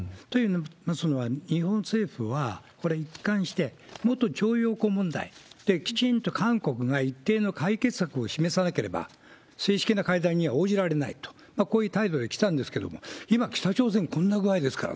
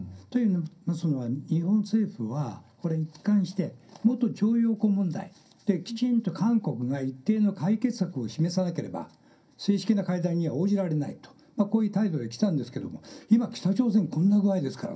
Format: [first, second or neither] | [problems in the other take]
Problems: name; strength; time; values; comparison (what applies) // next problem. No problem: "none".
first | room echo; dies away in 0.3 s